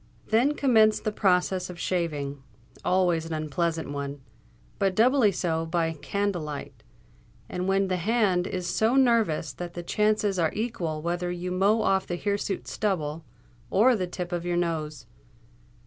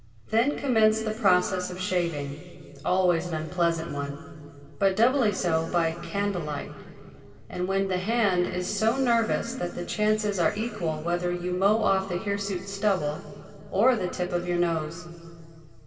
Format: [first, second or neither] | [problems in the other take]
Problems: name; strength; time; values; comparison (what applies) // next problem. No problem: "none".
first | room echo; dies away in 2.4 s